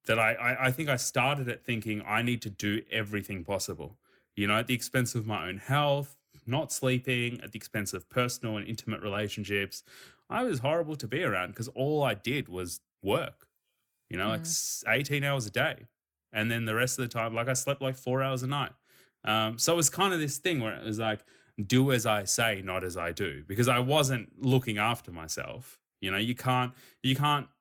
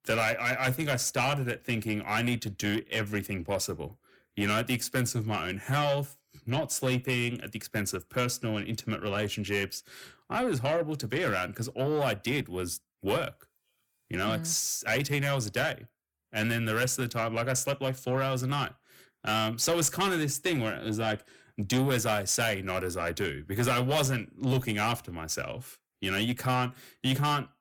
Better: first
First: none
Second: distortion; slight; 10 dB below the speech

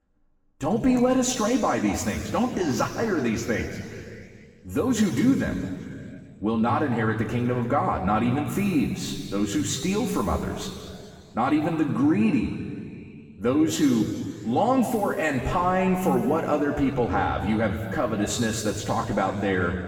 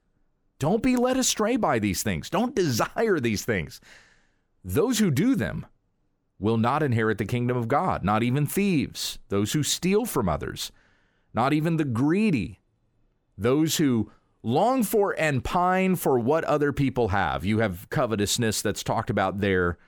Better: second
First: room echo; noticeable; dies away in 2.3 s // off-mic speech; far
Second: none

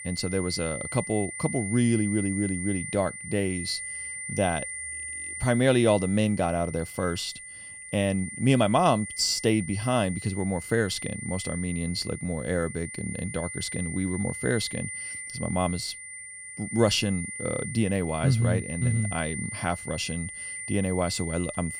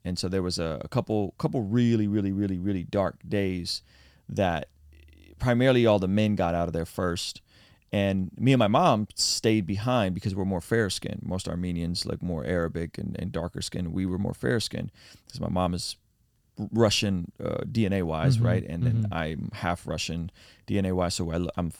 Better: second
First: high-pitched whine; loud; throughout; 2 kHz, 8 dB below the speech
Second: none

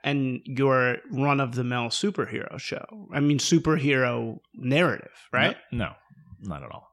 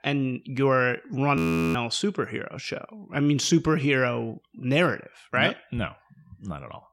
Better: first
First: none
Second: audio freezing; at 1.5 s

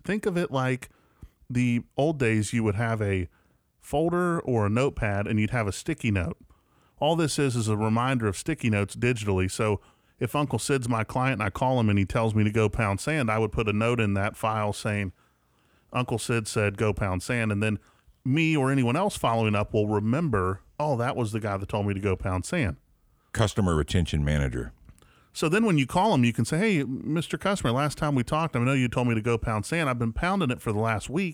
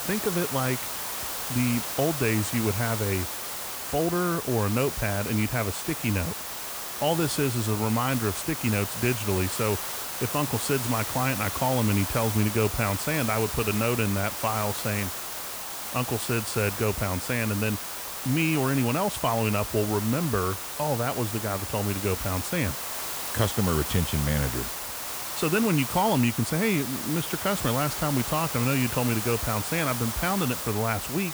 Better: first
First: none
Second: hiss; loud; throughout; 4 dB below the speech

